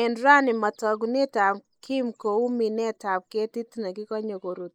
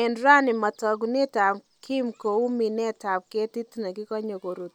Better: second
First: noise reduction (neural mask model Resemble Enhance denoiser)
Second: none

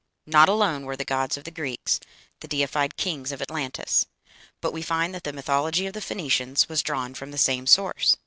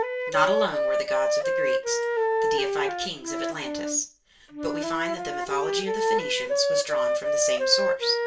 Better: first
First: none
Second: background sound (Wind instrument, woodwind instrument); 5 dB above the speech // room echo; dies away in 0.2 s

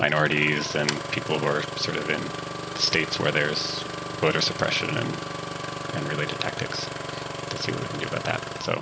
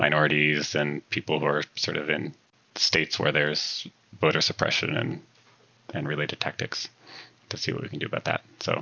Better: second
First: background sound (Engine starting); 5 dB below the speech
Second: none

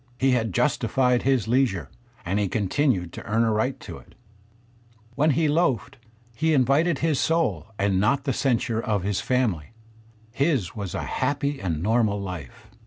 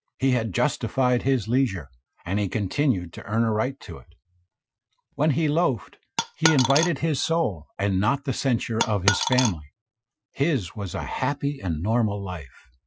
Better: first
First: none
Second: noise reduction (classical method Wiener filter)

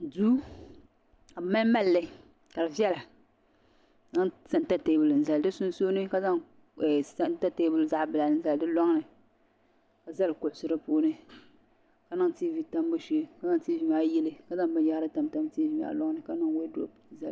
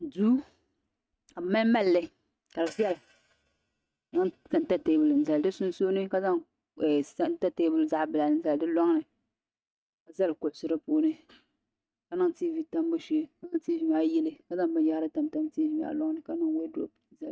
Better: first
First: none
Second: noise reduction (neural mask model RNNoise)

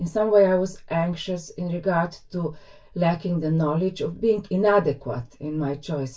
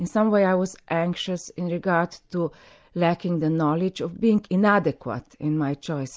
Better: second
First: room echo; dies away in 0.2 s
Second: none

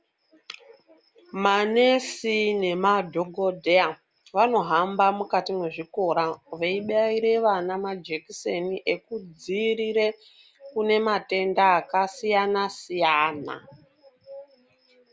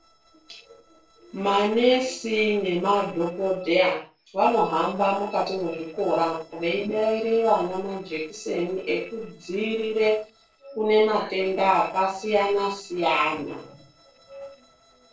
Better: first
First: none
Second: noise reduction (neural separator model SepFormer DNS4)

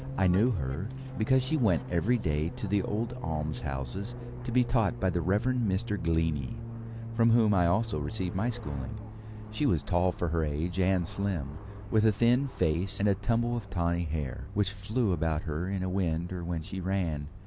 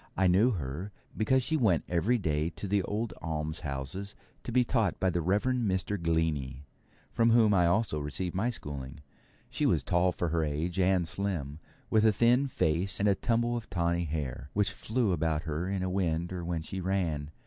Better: second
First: background sound (Fixed-wing aircraft, airplane); 11 dB below the speech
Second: none

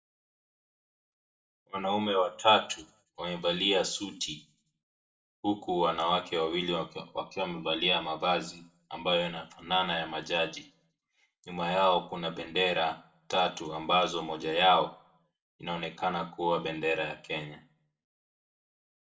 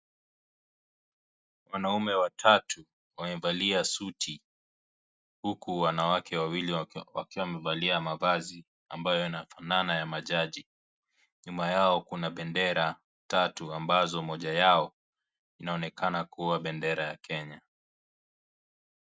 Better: second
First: room echo; dies away in 0.4 s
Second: none

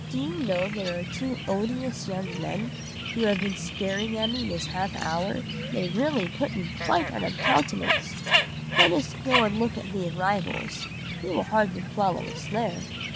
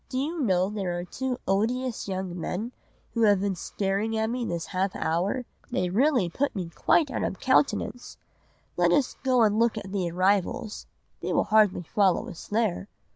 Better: second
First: background sound (Bird); 2 dB below the speech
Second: none

